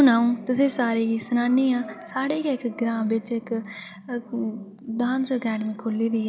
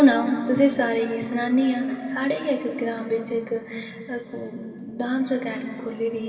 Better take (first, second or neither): first